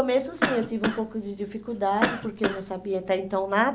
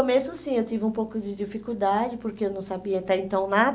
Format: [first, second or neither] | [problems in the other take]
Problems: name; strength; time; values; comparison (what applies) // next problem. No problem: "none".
second | background sound (Cough); 4 dB below the speech